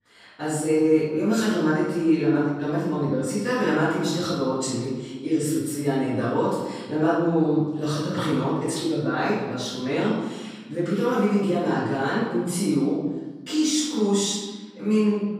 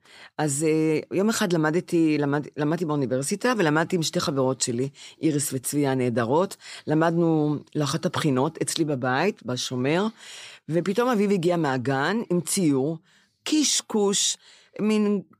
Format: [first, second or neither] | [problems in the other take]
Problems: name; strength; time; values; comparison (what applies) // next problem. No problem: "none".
second | off-mic speech; far // room echo; strong; dies away in 1.1 s